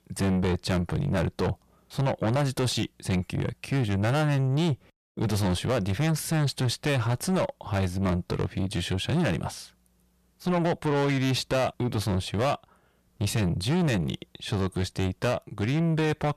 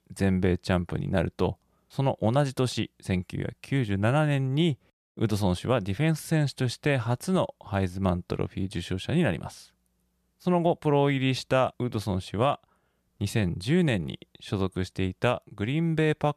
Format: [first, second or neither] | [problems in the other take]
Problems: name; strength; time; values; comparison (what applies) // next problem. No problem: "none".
second | distortion; heavy; 7 dB below the speech